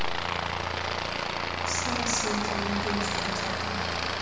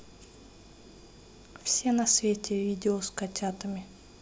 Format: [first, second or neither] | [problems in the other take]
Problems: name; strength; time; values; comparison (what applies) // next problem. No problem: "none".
second | background sound (Aircraft); 5 dB above the speech // room echo; dies away in 0.8 s